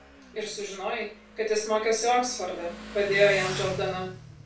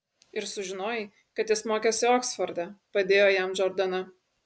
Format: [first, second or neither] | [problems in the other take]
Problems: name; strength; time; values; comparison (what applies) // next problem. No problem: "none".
second | background sound (Motorcycle); 13 dB below the speech // room echo; dies away in 0.3 s